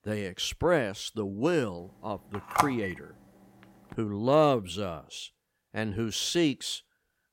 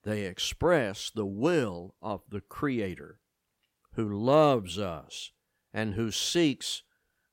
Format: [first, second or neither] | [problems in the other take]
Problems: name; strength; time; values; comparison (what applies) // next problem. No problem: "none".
second | phone ringing; loud; at 2.5 s; peak 1 dB above the speech